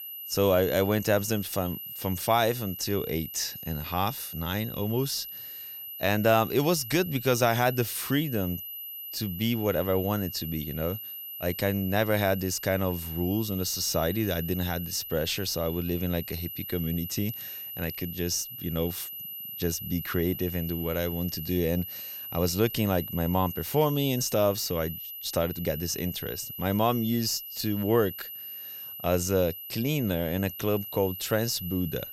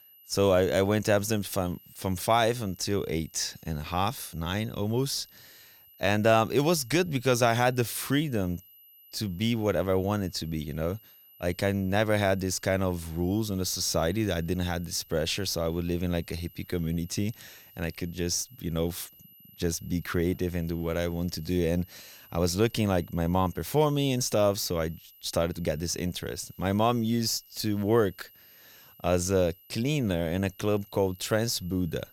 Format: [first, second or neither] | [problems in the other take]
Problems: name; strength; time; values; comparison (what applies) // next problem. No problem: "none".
second | high-pitched whine; loud; throughout; 12 kHz, 8 dB below the speech; faint in the second